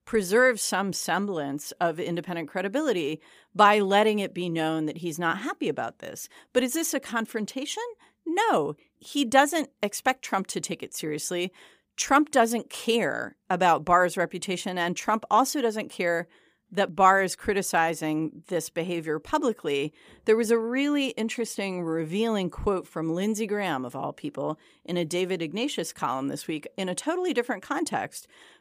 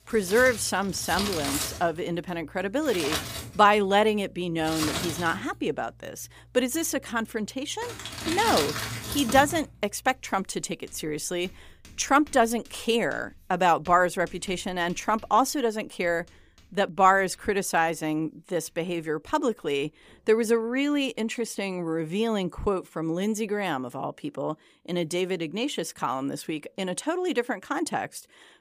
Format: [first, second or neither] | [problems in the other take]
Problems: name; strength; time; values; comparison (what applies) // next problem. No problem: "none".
first | household noises; loud; throughout; 5 dB below the speech